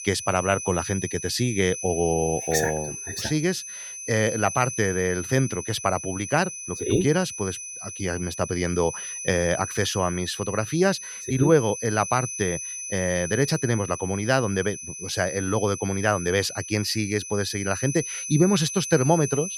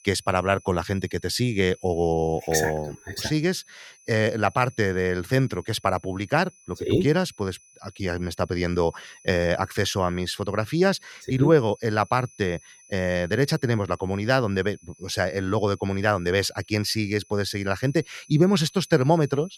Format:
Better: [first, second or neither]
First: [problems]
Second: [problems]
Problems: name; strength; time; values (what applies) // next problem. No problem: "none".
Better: second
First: high-pitched whine; loud; throughout; 6 kHz, 8 dB below the speech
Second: high-pitched whine; faint; throughout; 6 kHz, 25 dB below the speech